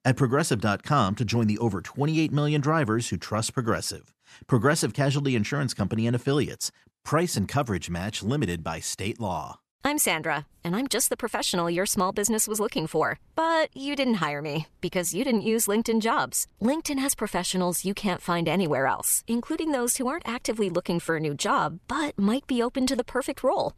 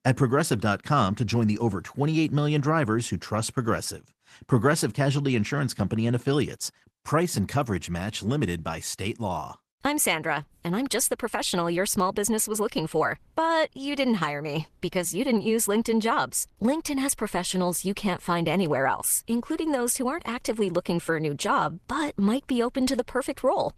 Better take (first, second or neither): first